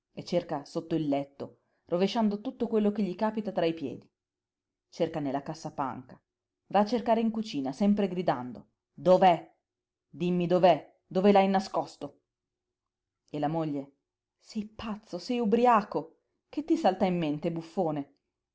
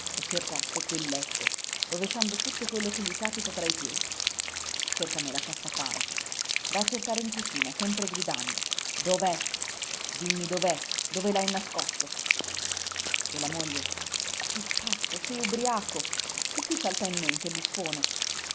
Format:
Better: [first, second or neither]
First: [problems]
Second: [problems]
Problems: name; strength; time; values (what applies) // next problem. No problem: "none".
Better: first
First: none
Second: background sound (Rain); 4 dB above the speech